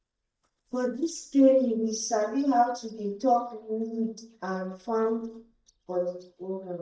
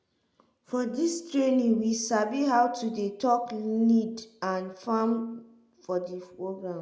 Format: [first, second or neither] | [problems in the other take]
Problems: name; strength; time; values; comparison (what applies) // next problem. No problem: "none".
second | noise reduction (neural mask model DeepFilterNet 3)